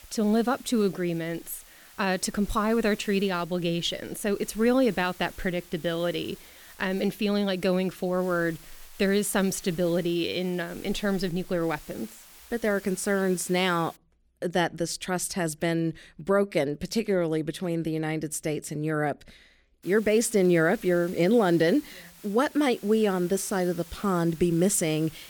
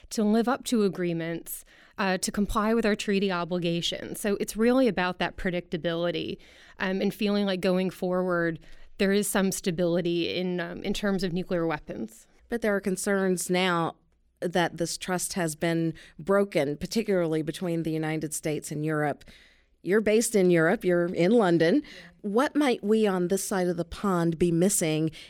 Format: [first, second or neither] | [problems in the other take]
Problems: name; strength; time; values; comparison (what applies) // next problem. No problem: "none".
second | hiss; faint; until 14 s and from 20 s on; 20 dB below the speech